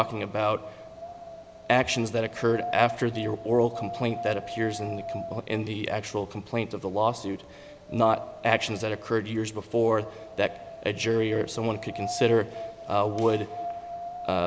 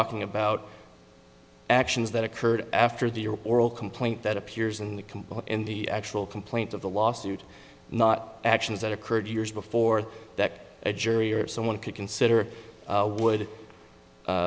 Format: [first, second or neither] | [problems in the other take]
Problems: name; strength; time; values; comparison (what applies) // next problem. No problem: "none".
second | background sound (Wind); 12 dB below the speech